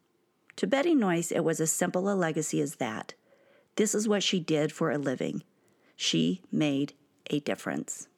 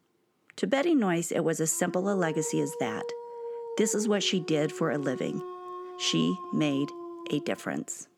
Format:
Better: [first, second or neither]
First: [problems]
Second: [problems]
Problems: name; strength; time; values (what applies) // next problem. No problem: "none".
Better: first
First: none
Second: dog barking; noticeable; from 1.5 s on; peak 8 dB below the speech